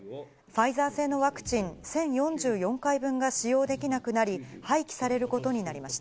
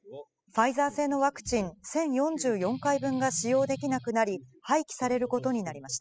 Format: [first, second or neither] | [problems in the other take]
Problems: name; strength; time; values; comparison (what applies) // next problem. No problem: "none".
first | noise reduction (classical method spectral subtraction)